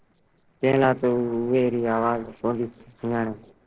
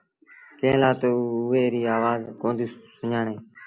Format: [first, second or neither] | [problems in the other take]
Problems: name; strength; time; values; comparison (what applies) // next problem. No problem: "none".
second | noise reduction (neural separator model SepFormer DNS4)